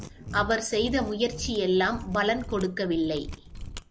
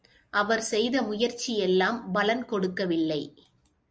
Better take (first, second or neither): second